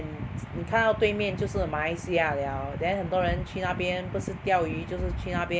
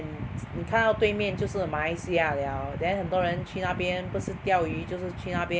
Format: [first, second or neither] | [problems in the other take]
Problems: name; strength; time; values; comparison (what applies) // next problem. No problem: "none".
second | background sound (Thump, thud); 13 dB below the speech